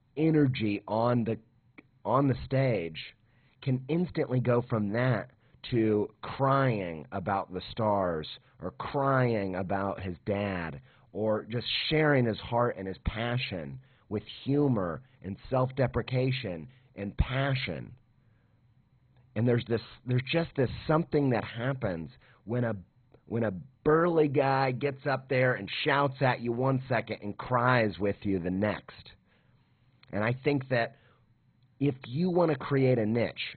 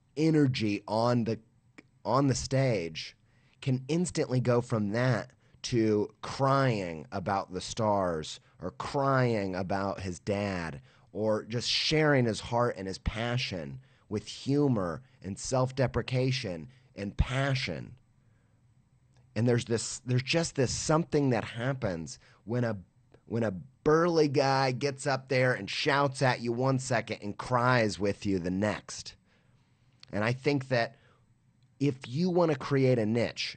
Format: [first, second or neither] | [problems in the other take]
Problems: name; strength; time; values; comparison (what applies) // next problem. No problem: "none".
second | garbled, watery; badly; nothing above 4 kHz; slightly in the second